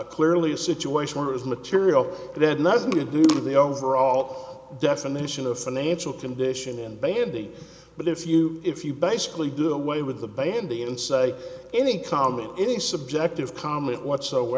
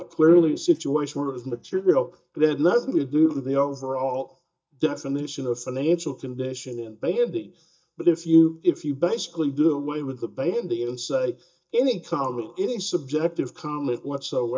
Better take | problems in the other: first | noise reduction (neural mask model DeepFilterNet 3)

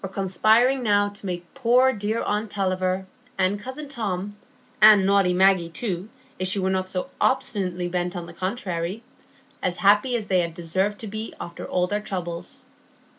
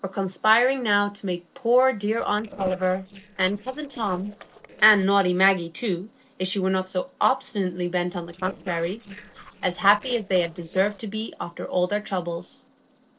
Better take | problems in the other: first | noise reduction (neural separator model SepFormer DNS4)

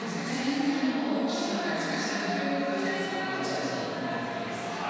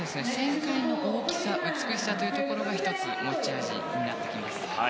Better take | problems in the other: second | room echo; dies away in 2.1 s

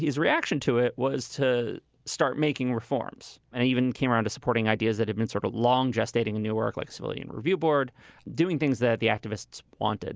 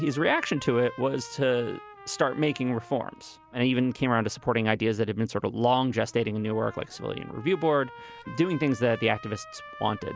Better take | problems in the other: first | background sound (Trumpet); 19 dB below the speech

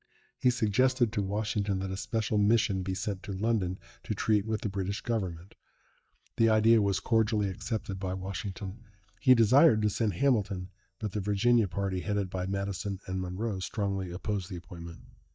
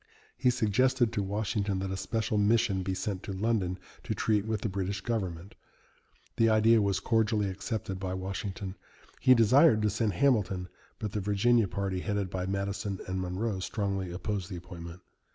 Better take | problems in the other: second | noise reduction (neural mask model DeepFilterNet 3)

